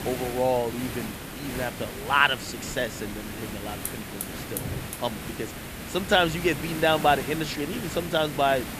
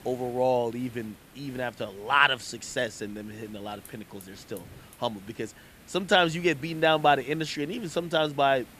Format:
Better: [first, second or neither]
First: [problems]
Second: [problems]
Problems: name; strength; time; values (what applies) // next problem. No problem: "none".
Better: second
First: hiss; loud; throughout; 9 dB below the speech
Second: hiss; faint; throughout; 25 dB below the speech